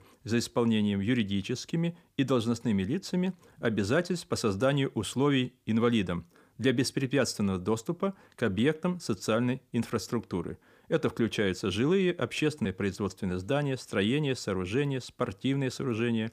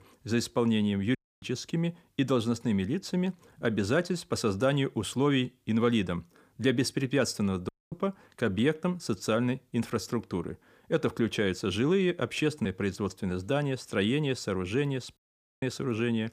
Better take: first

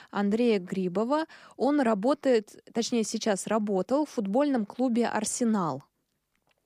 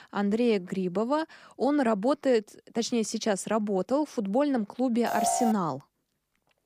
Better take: first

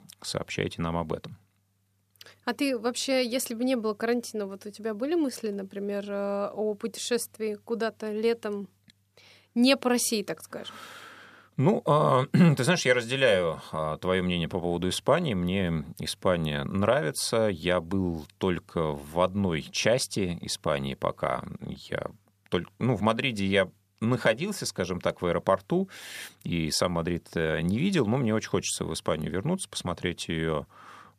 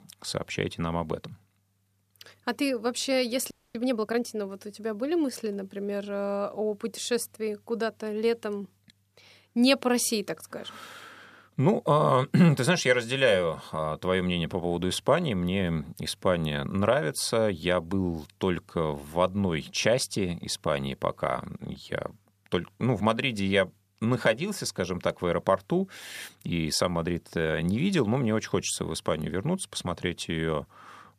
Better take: first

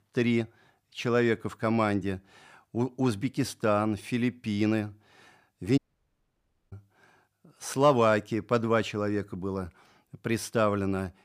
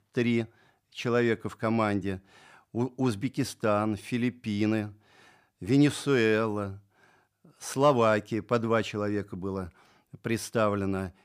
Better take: second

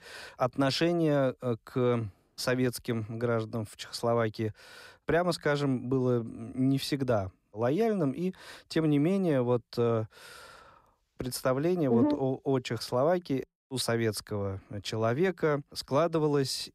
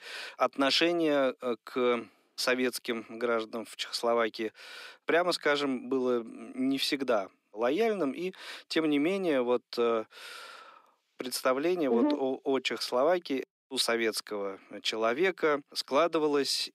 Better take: first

